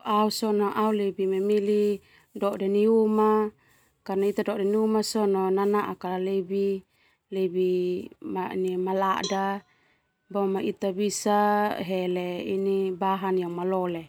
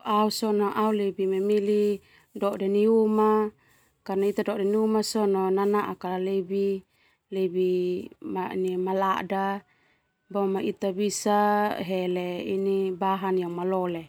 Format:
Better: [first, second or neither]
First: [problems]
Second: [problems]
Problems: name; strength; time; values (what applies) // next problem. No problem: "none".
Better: second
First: background sound (Cowbell); 18 dB below the speech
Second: none